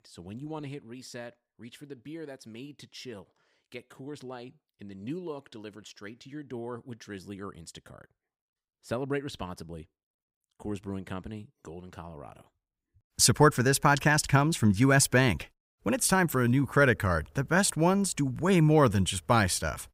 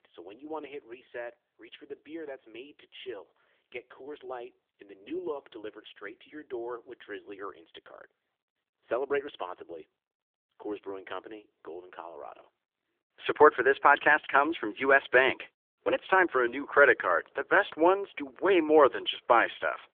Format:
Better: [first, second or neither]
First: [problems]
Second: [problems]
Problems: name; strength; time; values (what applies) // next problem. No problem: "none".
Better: first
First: none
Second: phone-call audio; nothing above 3.5 kHz